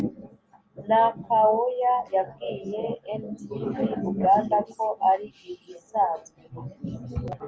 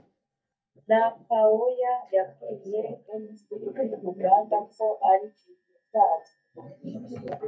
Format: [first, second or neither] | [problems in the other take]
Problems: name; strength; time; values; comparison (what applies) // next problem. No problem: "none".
first | noise reduction (neural mask model DeepFilterNet 3)